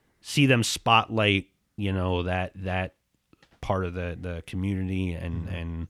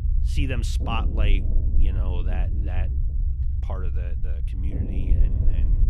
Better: first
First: none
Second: low rumble; loud; throughout; 7 dB below the speech

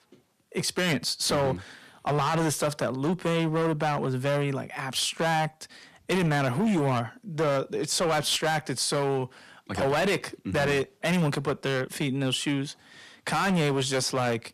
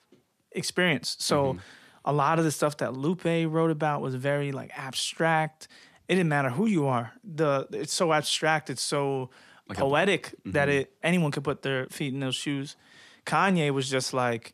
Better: second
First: distortion; heavy; 14% of the sound clipped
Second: none

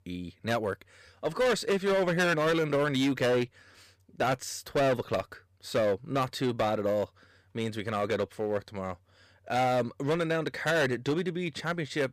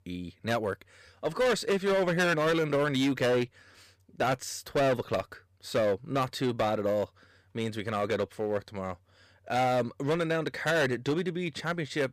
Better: neither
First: distortion; heavy; 10% of the sound clipped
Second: distortion; heavy; 10% of the sound clipped

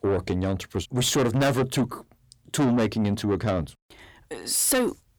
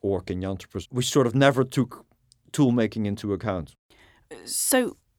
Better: second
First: distortion; heavy; 6 dB below the speech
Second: none

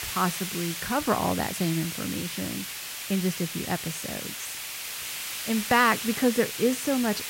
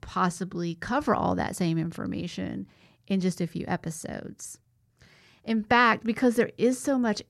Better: second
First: hiss; loud; throughout; 5 dB below the speech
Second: none

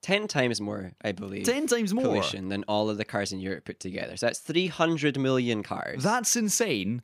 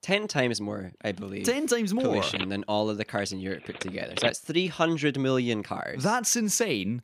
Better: first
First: none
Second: phone ringing; noticeable; from 2 to 4.5 s; peak 3 dB below the speech

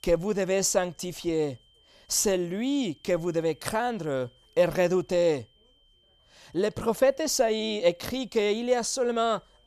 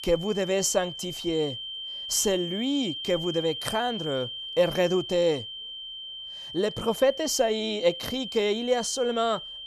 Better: first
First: high-pitched whine; faint; throughout; 3 kHz, 35 dB below the speech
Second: high-pitched whine; loud; throughout; 3 kHz, 8 dB below the speech

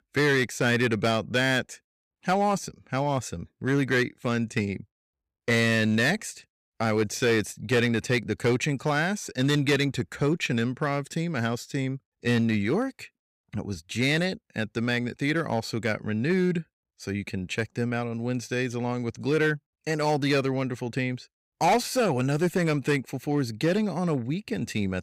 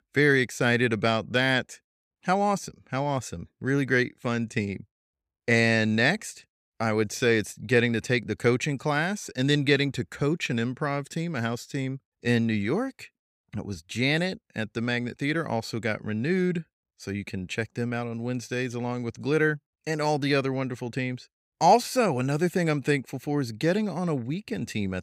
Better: second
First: distortion; slight; 4% of the sound clipped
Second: none

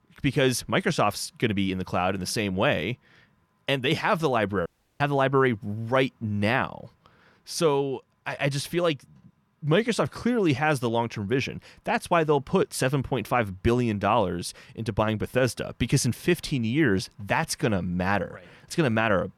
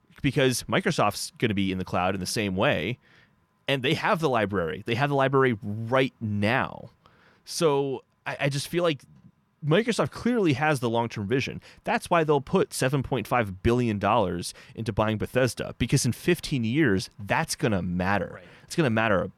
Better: second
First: audio cutting out; at 4.5 s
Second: none

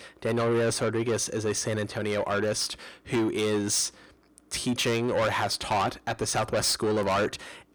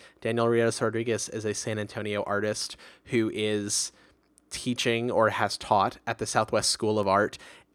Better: second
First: distortion; heavy; 7 dB below the speech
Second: none

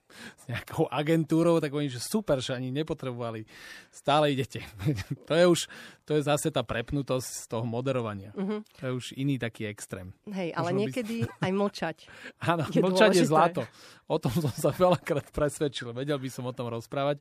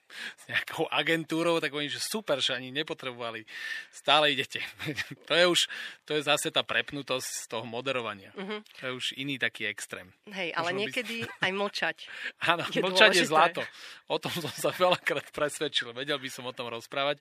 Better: first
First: none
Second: thin; somewhat; fading below 1 kHz

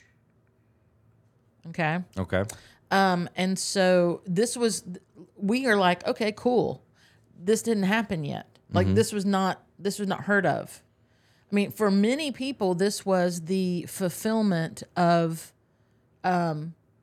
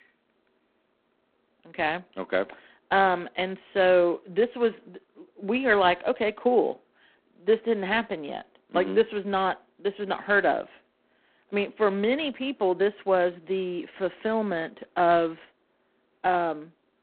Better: first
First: none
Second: phone-call audio; poor line

